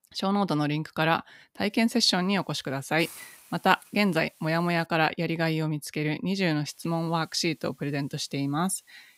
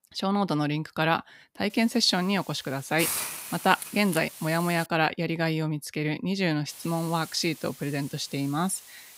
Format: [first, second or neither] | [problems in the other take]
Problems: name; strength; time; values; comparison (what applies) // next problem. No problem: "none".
first | hiss; loud; from 1.5 to 5 s and from 6.5 s on; 9 dB below the speech; faint in the first